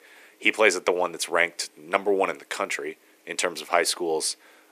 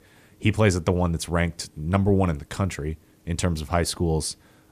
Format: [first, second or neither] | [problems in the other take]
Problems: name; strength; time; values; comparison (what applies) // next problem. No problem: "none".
second | thin; very; fading below 350 Hz